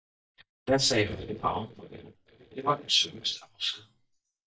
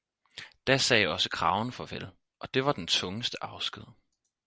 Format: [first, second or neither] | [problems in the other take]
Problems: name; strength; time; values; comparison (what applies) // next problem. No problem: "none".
second | noise reduction (neural mask model DeepFilterNet 3)